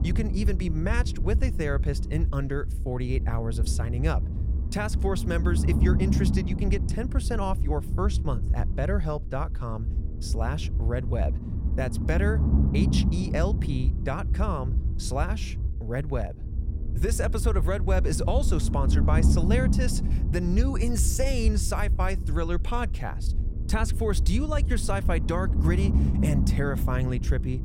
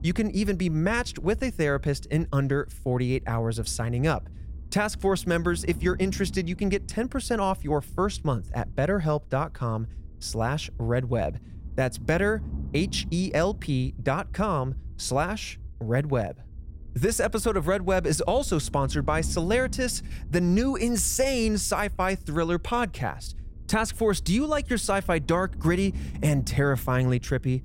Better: second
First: low rumble; loud; throughout; 7 dB below the speech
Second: low rumble; faint; throughout; 25 dB below the speech

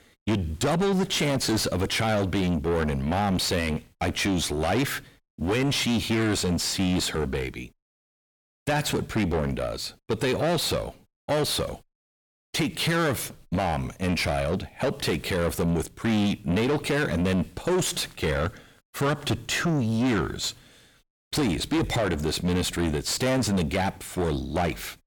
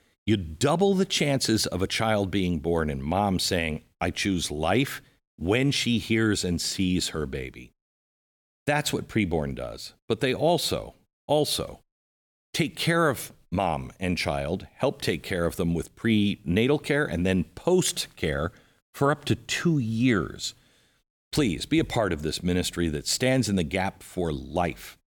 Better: second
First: distortion; heavy; 6 dB below the speech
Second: none

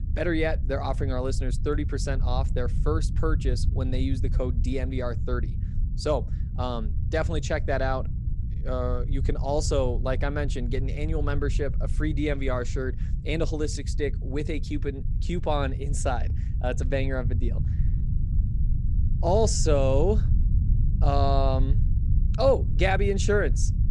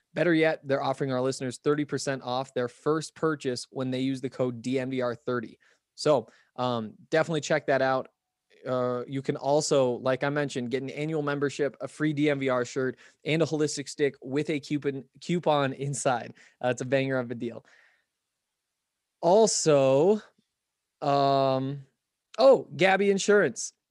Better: second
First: low rumble; noticeable; throughout; 15 dB below the speech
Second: none

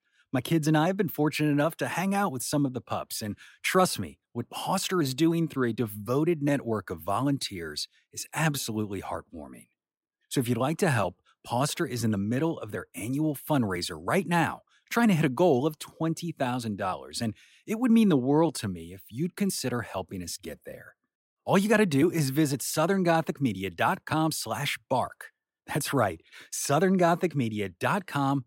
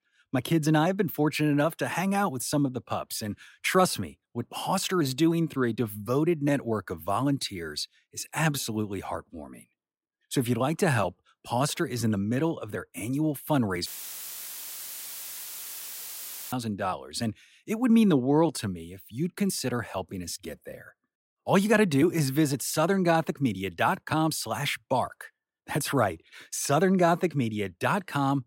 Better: first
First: none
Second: audio cutting out; filled with static; at 14 s for 2.5 s

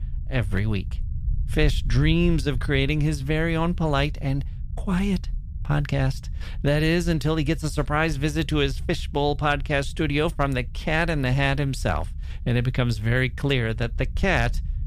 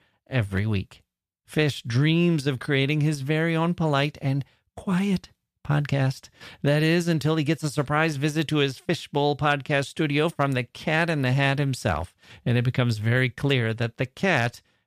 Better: second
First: low rumble; faint; throughout; 25 dB below the speech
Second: none

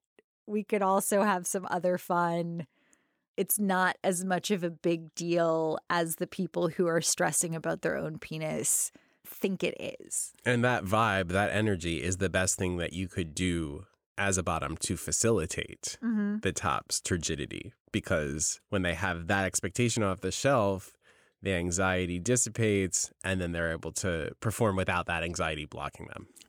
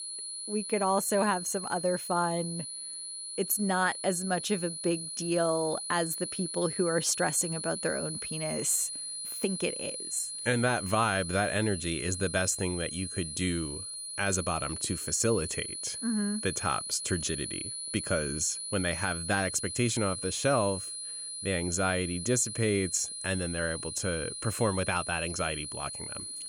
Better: first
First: none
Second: high-pitched whine; loud; throughout; 10 kHz, 5 dB below the speech

